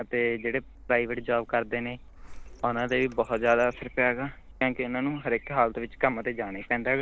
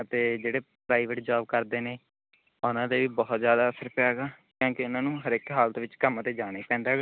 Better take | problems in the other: second | background sound (Printer); 19 dB below the speech

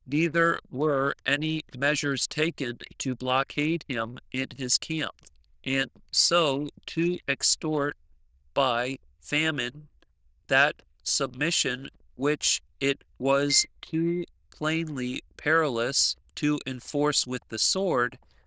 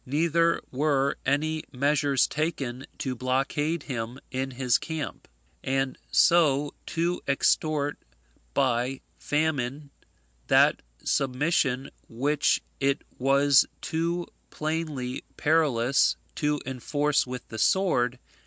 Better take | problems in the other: second | noise reduction (neural diffusion model UNIVERSE++)

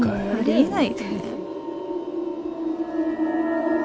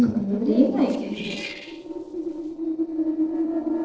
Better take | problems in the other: first | noise reduction (neural separator model SepFormer DNS4)

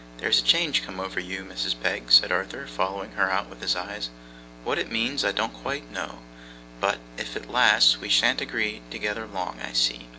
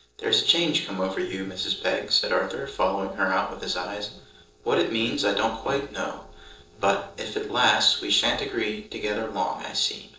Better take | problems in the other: first | noise reduction (neural separator model SepFormer DNS4)

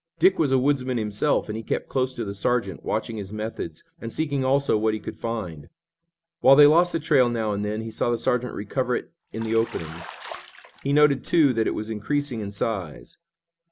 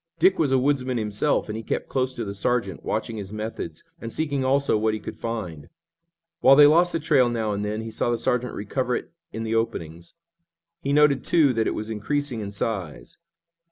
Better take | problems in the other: second | background sound (Bathtub (filling or washing)); 18 dB below the speech

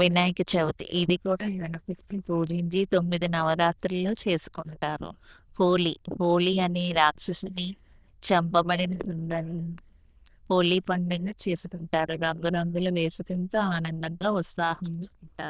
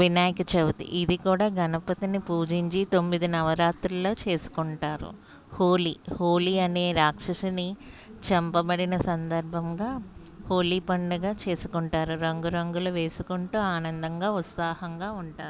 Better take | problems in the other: second | noise reduction (neural diffusion model UNIVERSE++)

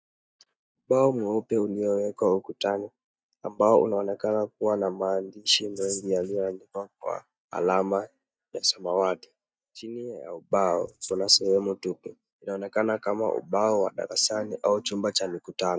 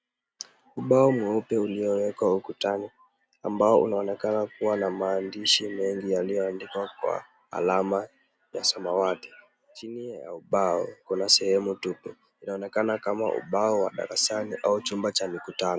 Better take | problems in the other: second | noise reduction (neural mask model DeepFilterNet 3)

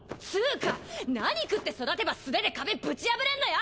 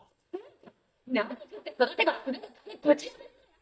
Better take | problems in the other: first | noise reduction (neural mask model DeepFilterNet 3)

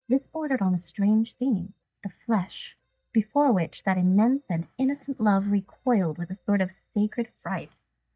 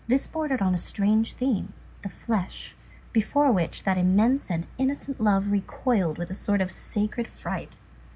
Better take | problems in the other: second | noise reduction (neural mask model DeepFilterNet 3)

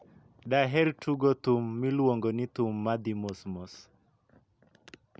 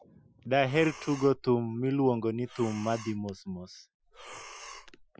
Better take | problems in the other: first | noise reduction (classical method Wiener filter)

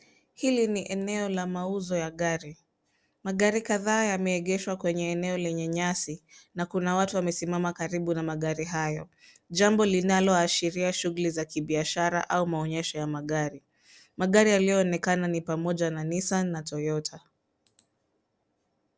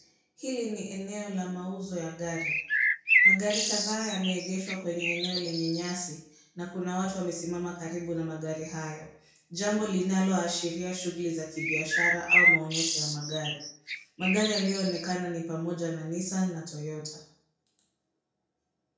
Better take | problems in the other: first | background sound (Bird); 5 dB above the speech // room echo; dies away in 0.5 s

